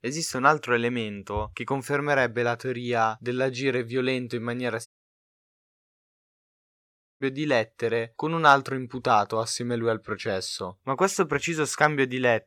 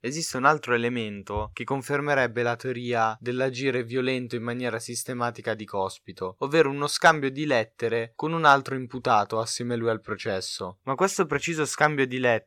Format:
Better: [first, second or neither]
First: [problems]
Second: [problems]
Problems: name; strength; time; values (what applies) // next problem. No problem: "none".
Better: second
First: audio cutting out; at 5 s for 2.5 s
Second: none